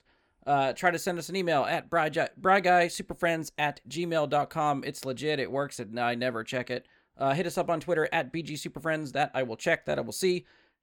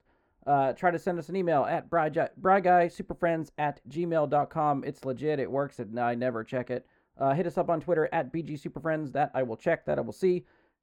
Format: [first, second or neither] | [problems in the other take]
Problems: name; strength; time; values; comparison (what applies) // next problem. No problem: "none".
first | muffled; very; fading above 2 kHz